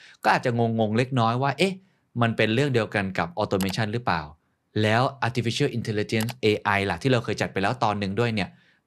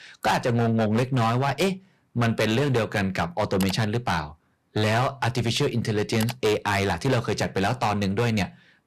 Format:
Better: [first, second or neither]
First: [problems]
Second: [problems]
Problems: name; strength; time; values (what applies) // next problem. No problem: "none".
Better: first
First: none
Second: distortion; heavy; 11% of the sound clipped